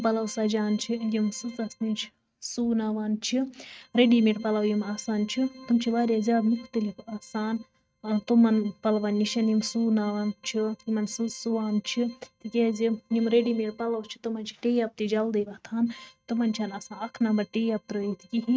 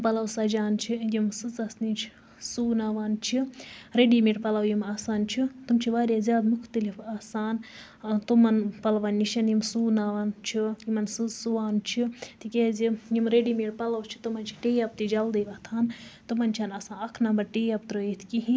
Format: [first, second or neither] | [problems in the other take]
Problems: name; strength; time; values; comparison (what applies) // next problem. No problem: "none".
second | noise reduction (neural mask model RNNoise)